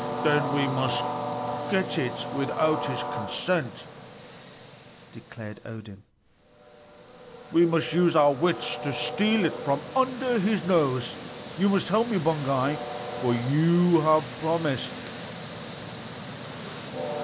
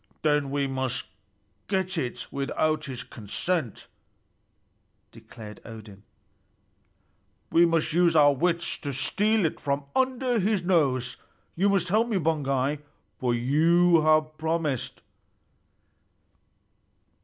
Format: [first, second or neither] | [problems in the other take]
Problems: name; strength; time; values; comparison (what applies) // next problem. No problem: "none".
second | background sound (Train); 8 dB below the speech